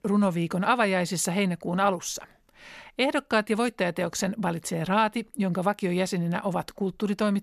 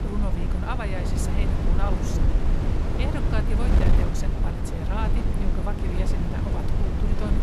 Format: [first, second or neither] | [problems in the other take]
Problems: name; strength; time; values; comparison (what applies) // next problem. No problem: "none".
first | wind noise on the microphone; heavy; 1 dB above the speech